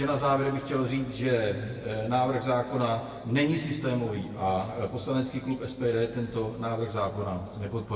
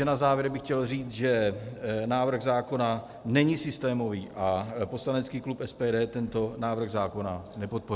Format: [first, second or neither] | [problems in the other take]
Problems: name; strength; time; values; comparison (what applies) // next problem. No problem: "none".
second | room echo; dies away in 2 s